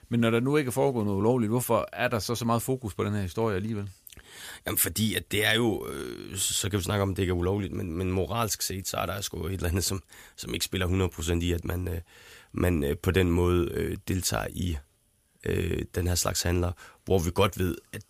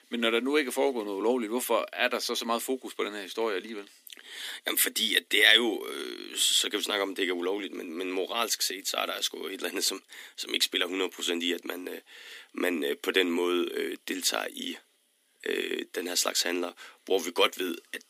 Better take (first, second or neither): first